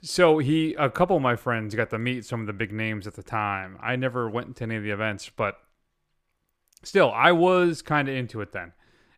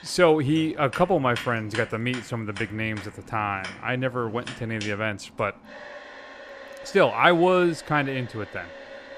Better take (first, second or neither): first